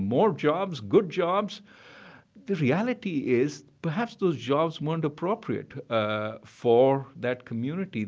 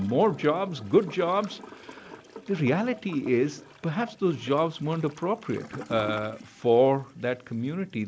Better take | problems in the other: first | background sound (Toilet flush / Gurgling); 18 dB below the speech

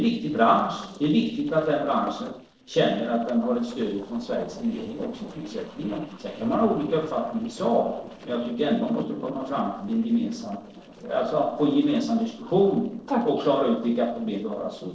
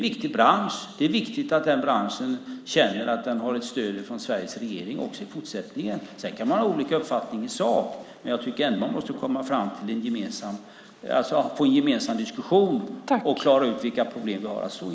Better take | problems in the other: second | noise reduction (neural separator model SepFormer DNS4)

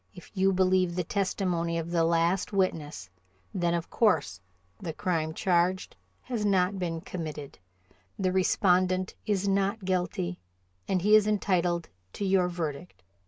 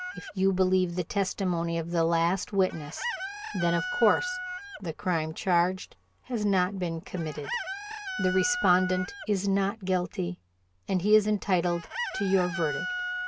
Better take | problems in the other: first | background sound (Chicken, rooster); 10 dB below the speech

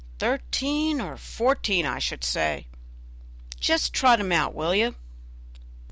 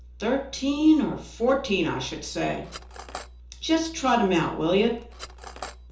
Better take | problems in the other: first | background sound (Cutlery, silverware); 17 dB below the speech // room echo; dies away in 0.6 s

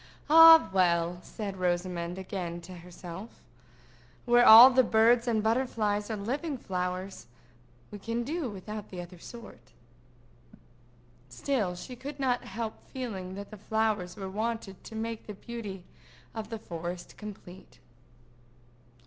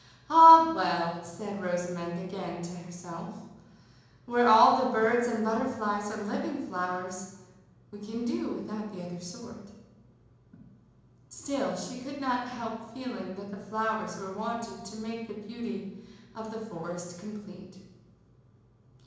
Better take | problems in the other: first | room echo; dies away in 1 s

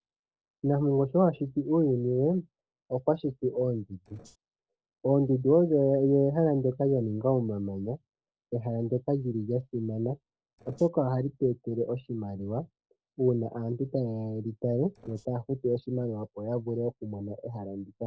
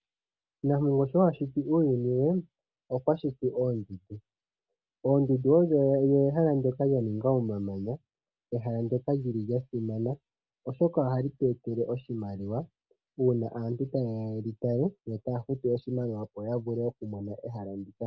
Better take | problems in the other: second | noise reduction (neural separator model SepFormer DNS4)

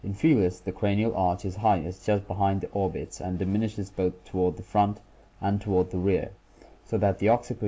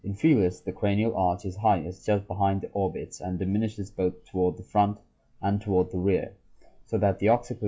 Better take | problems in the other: first | noise reduction (classical method log-MMSE)

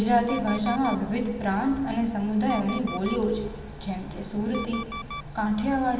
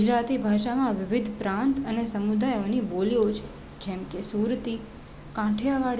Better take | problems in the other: second | background sound (Alarm); 14 dB below the speech // room echo; dies away in 2.1 s

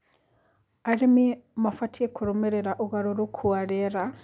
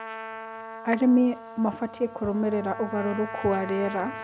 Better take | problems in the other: first | background sound (Trumpet); 12 dB below the speech

